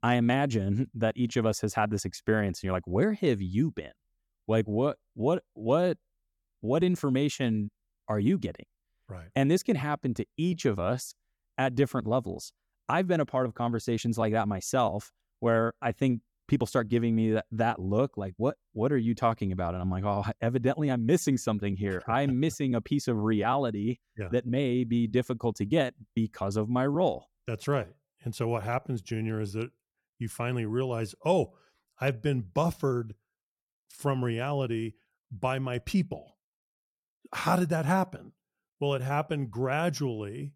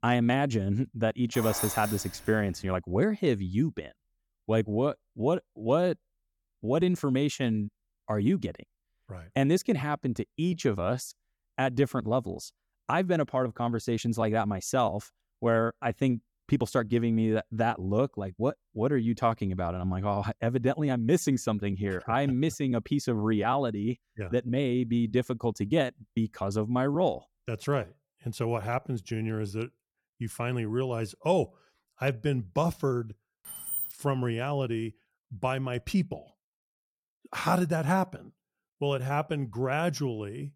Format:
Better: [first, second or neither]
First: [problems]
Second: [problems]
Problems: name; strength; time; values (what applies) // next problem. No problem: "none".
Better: first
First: none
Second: jangling keys; noticeable; from 1.5 to 2.5 s and at 33 s; peak 2 dB below the speech